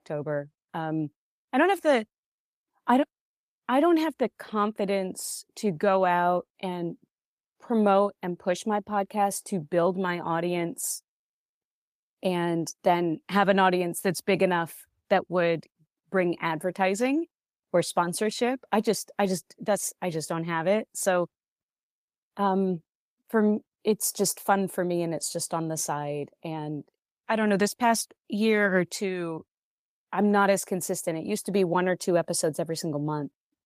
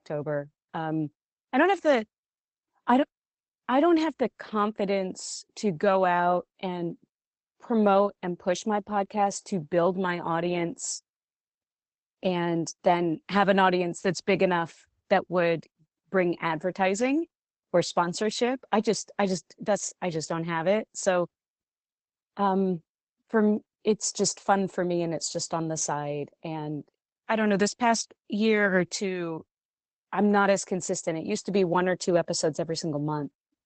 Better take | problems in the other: first | garbled, watery; badly; nothing above 8 kHz; slightly in the first

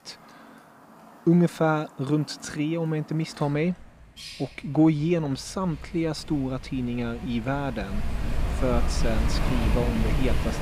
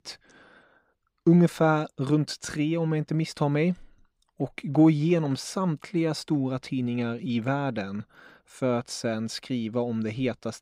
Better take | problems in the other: second | animal sounds; loud; throughout; 4 dB below the speech

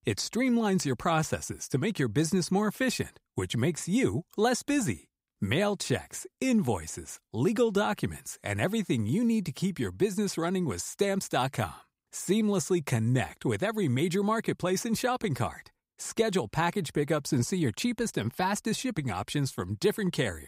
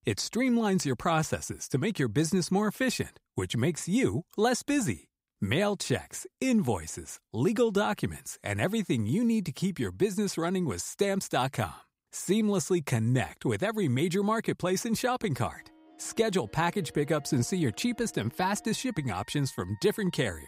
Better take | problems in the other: first | background music; faint; from 16 s on; 25 dB below the speech

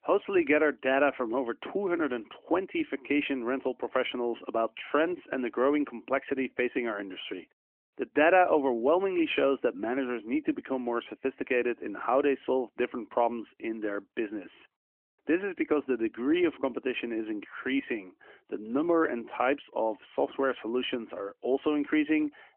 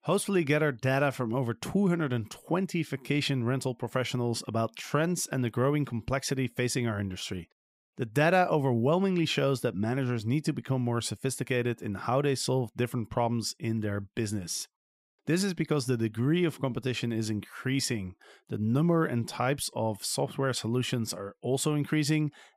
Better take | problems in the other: second | phone-call audio; nothing above 3 kHz

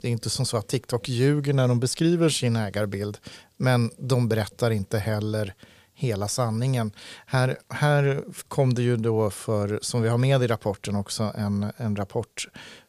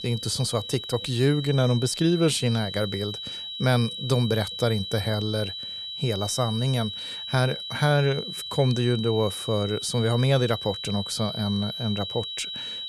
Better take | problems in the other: first | high-pitched whine; loud; throughout; 4 kHz, 7 dB below the speech

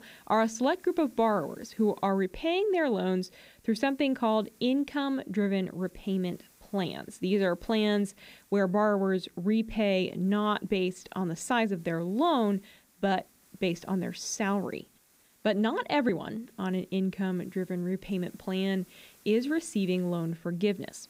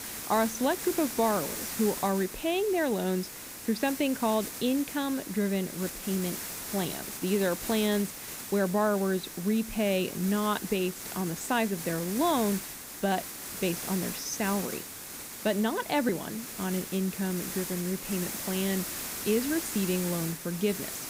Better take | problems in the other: first | hiss; loud; throughout; 6 dB below the speech; faint in the first

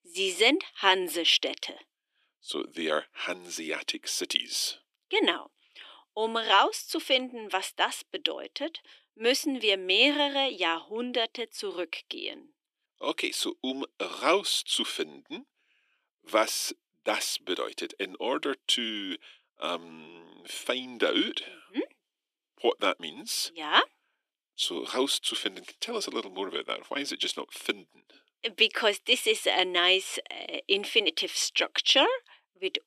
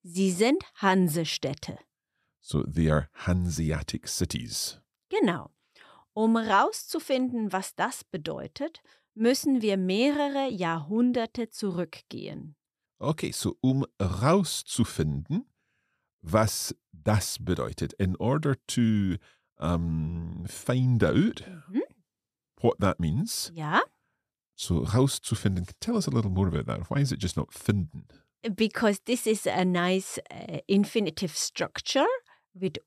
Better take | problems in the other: second | thin; somewhat; fading below 300 Hz

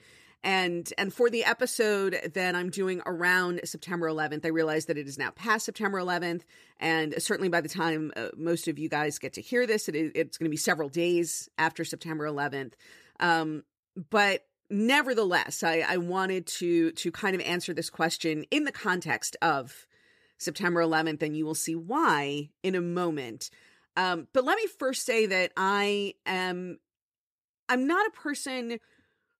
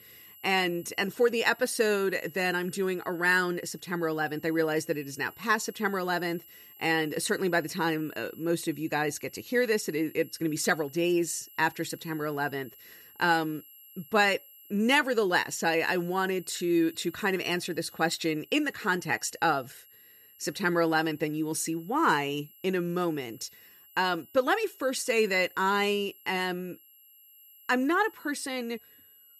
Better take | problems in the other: first | high-pitched whine; faint; throughout; 11.5 kHz, 20 dB below the speech

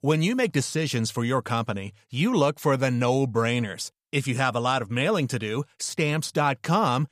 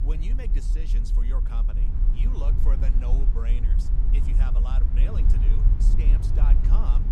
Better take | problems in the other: first | low rumble; loud; throughout; 1 dB below the speech

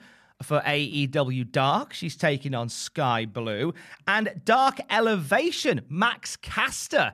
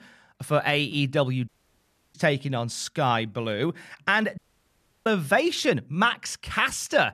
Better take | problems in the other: first | audio cutting out; at 1.5 s for 0.5 s and at 4.5 s for 0.5 s

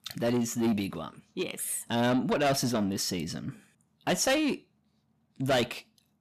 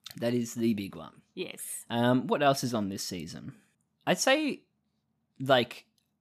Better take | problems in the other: second | distortion; heavy; 7 dB below the speech

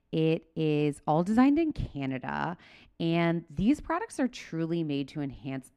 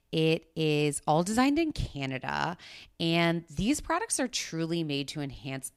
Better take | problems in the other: second | muffled; slightly; fading above 3 kHz

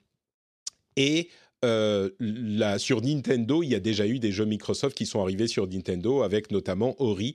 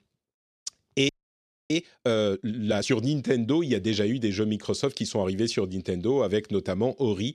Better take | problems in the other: first | audio freezing; at 1 s for 0.5 s

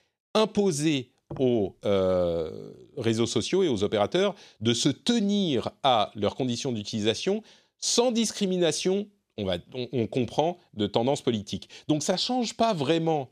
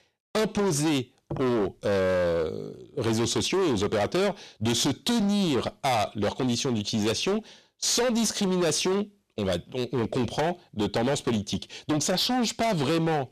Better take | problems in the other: first | distortion; heavy; 24% of the sound clipped

